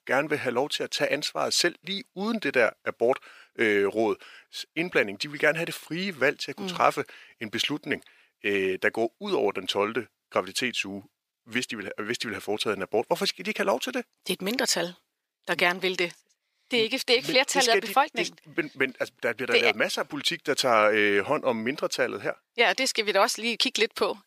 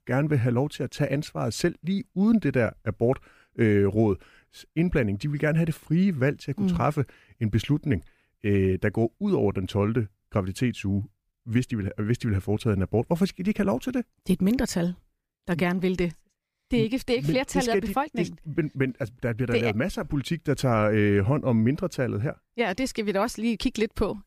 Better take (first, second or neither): second